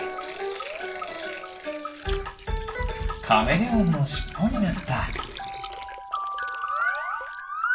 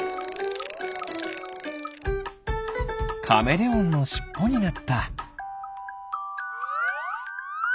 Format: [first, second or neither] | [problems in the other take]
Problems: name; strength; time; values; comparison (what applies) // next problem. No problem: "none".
second | background sound (Water); 18 dB below the speech // room echo; dies away in 0.8 s